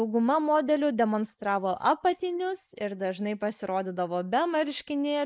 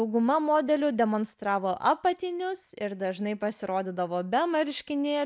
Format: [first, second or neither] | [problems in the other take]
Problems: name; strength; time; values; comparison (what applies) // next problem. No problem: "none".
second | noise reduction (neural mask model Resemble Enhance denoiser)